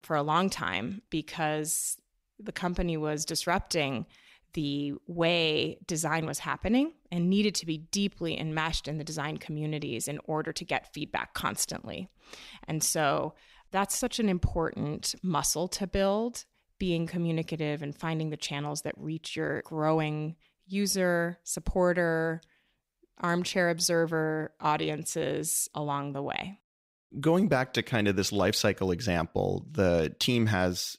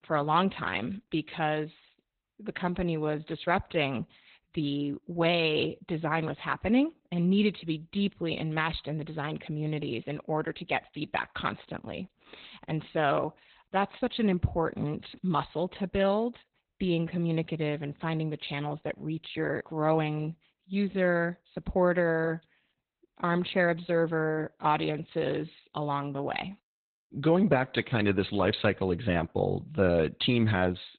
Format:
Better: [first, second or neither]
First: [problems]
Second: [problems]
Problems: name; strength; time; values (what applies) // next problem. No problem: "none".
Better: first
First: none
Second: garbled, watery; badly; nothing above 4 kHz